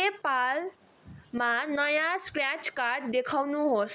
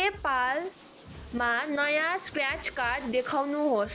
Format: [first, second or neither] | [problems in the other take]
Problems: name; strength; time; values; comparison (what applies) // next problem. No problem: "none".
first | background sound (Aircraft + Drum kit); 19 dB below the speech